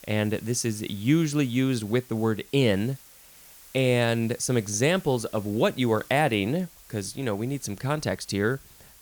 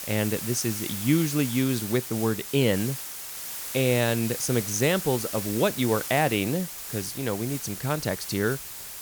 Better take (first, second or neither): first